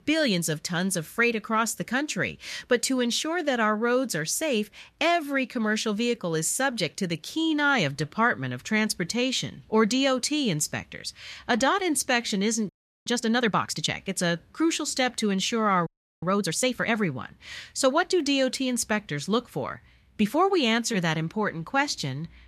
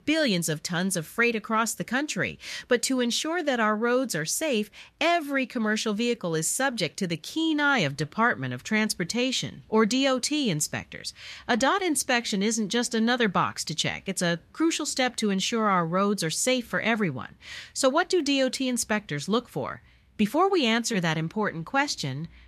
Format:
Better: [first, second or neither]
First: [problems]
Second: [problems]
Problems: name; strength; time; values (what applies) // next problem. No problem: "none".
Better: second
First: audio freezing; at 13 s and at 16 s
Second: none